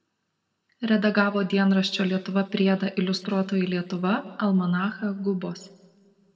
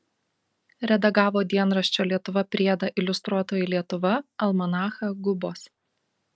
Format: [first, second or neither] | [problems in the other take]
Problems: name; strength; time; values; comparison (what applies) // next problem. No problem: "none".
second | room echo; dies away in 1 s